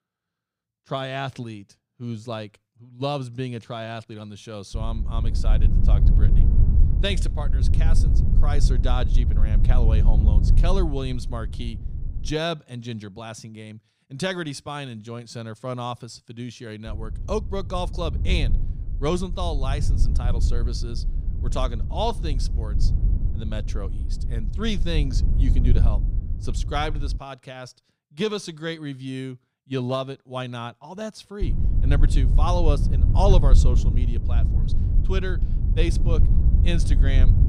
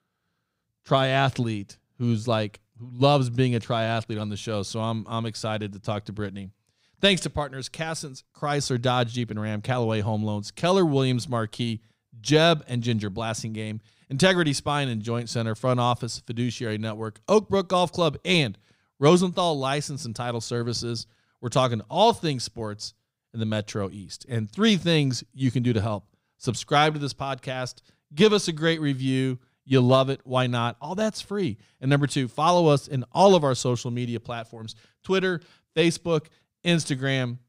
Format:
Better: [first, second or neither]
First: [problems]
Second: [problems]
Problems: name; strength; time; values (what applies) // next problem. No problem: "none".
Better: second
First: low rumble; loud; from 4.5 to 12 s, from 17 to 27 s and from 31 s on; 9 dB below the speech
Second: none